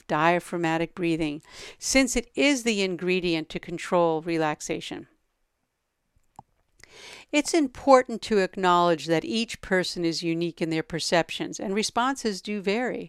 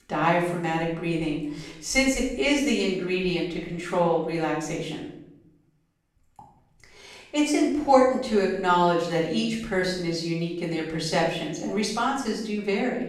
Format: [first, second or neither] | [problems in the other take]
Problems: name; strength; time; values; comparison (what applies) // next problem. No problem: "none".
first | off-mic speech; far // room echo; noticeable; dies away in 0.8 s